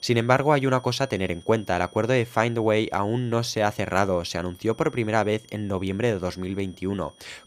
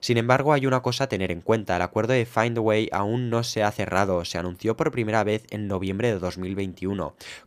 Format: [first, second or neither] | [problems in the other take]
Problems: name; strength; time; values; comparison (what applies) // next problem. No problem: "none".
second | high-pitched whine; faint; throughout; 3.5 kHz, 25 dB below the speech